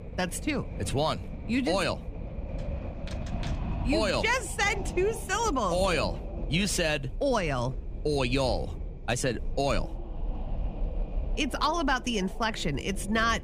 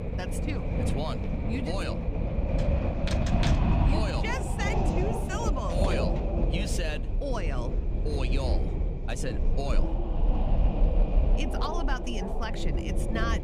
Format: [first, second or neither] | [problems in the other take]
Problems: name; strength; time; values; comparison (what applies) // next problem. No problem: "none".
first | wind noise on the microphone; heavy; as loud as the speech; occasional gusts in the first